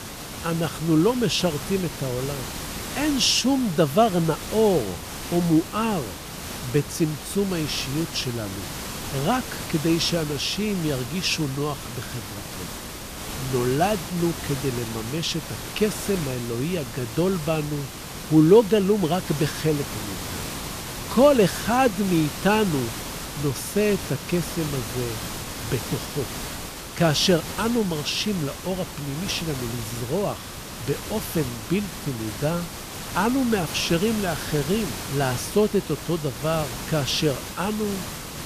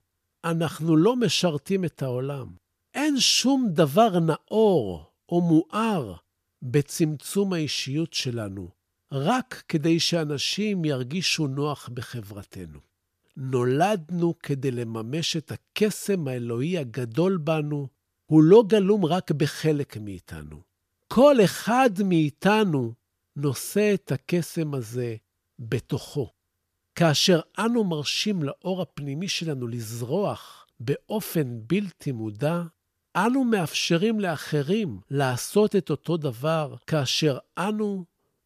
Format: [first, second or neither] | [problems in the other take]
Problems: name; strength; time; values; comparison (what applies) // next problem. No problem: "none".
second | hiss; loud; throughout; 9 dB below the speech